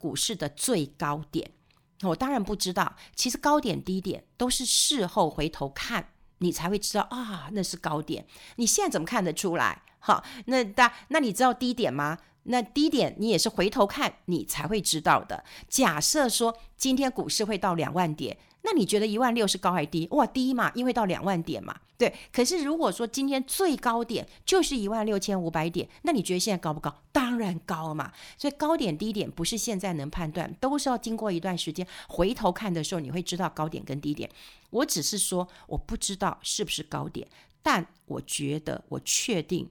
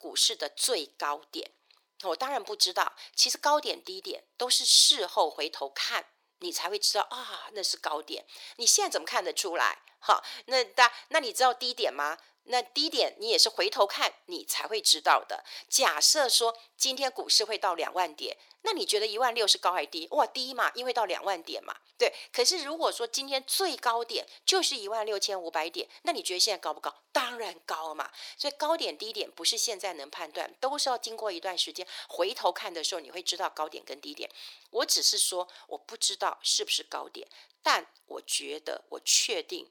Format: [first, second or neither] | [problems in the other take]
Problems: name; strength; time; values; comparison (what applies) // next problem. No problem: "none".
first | thin; very; fading below 400 Hz